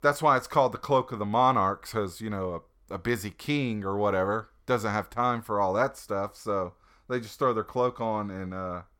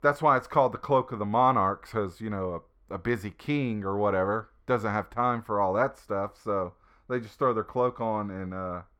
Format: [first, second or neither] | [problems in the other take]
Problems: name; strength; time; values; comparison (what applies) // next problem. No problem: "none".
first | muffled; slightly; fading above 3.5 kHz